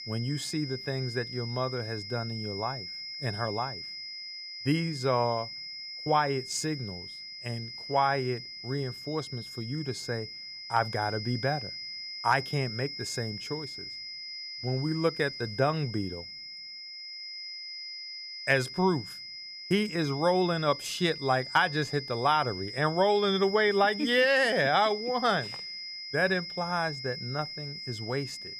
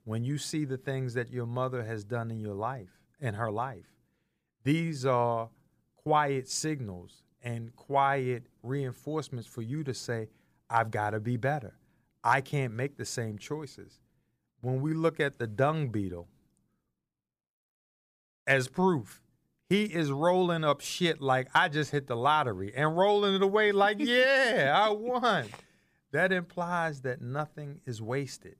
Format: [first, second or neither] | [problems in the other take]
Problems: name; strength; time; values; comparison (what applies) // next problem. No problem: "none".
second | high-pitched whine; loud; throughout; 5 kHz, 8 dB below the speech